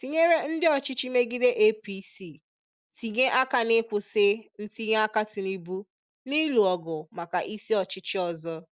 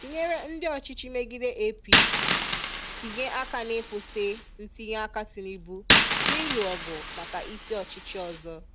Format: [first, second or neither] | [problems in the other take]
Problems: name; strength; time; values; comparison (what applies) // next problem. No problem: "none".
first | background sound (Coin (dropping)); 4 dB above the speech